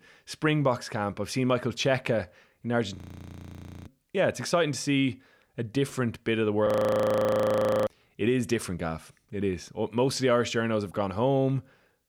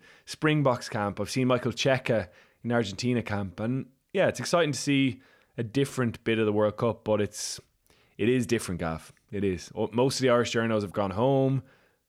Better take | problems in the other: second | audio freezing; at 3 s for 1 s and at 6.5 s for 1 s

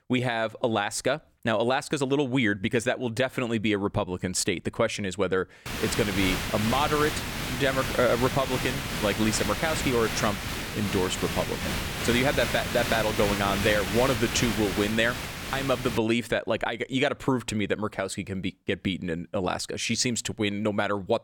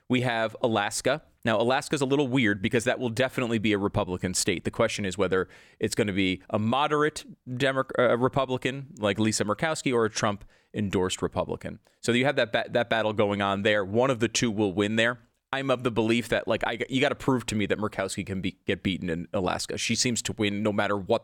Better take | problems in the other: second | hiss; loud; from 5.5 to 16 s; 4 dB below the speech

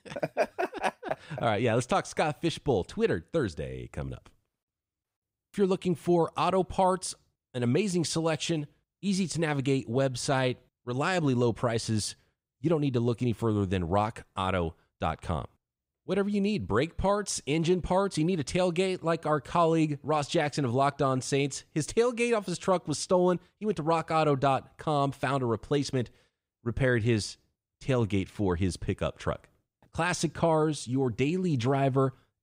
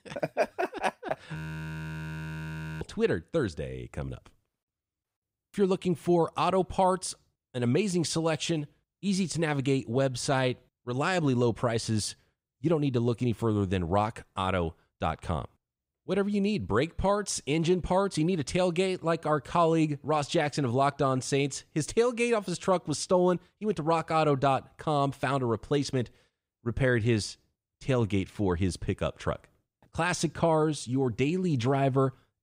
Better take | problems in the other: first | audio freezing; at 1.5 s for 1.5 s

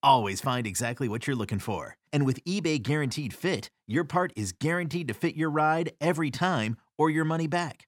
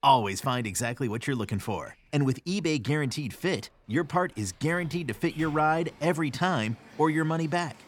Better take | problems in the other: first | animal sounds; faint; throughout; 25 dB below the speech

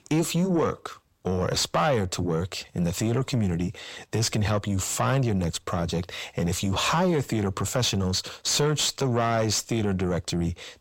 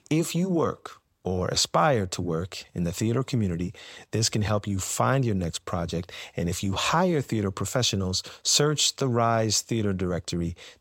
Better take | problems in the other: second | distortion; slight; 9 dB below the speech

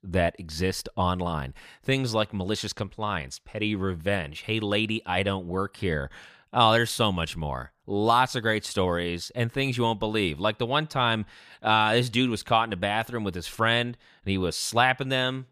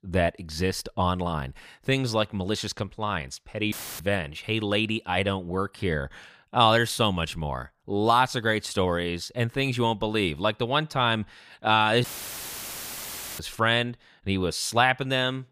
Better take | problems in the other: first | audio cutting out; filled with static; at 3.5 s and at 12 s for 1.5 s

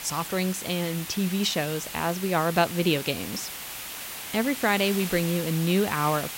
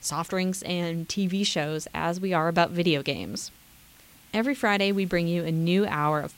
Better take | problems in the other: second | hiss; loud; throughout; 8 dB below the speech; faint in the second

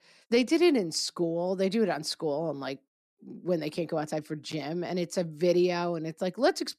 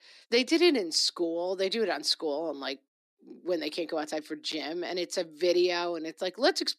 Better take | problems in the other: first | thin; very slightly; fading below 300 Hz

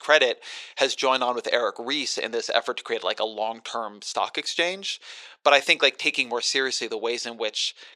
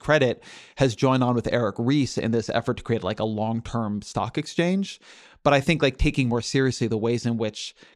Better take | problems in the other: second | thin; very; fading below 500 Hz

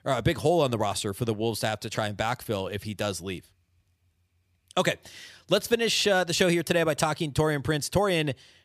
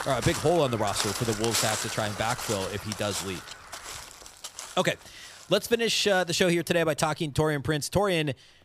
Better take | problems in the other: first | animal sounds; loud; throughout; 6 dB below the speech

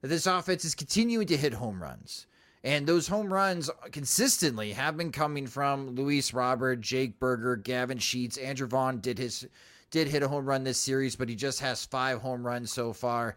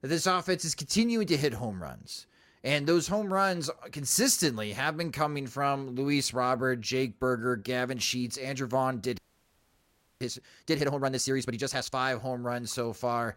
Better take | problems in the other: first | audio freezing; at 9 s for 1 s

